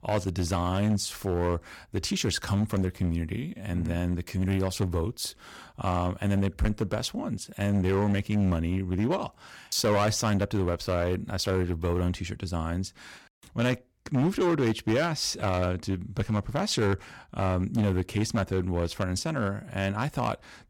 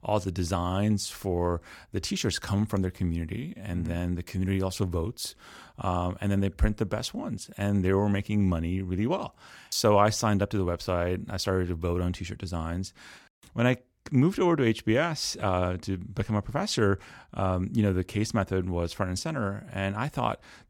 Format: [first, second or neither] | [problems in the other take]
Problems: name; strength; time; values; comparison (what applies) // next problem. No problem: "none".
second | distortion; slight; 7% of the sound clipped